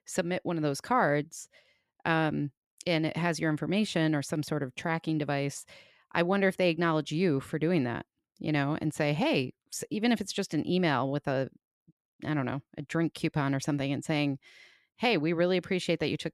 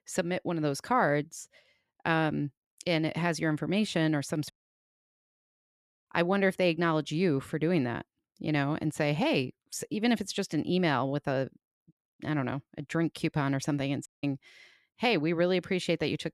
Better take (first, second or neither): first